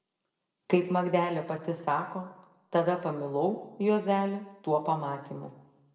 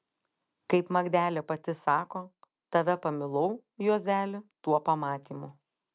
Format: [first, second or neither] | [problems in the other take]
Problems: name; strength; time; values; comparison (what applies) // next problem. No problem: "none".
second | room echo; dies away in 0.9 s